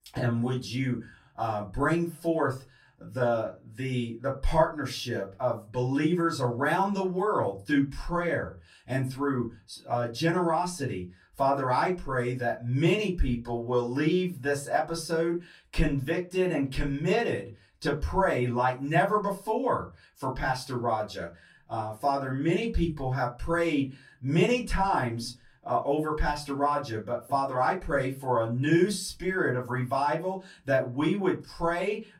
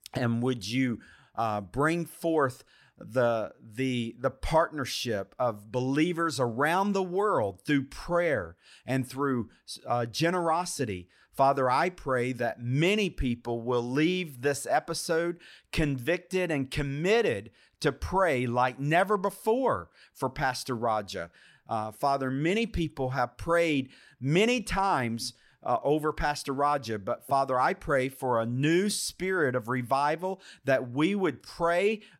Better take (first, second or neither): second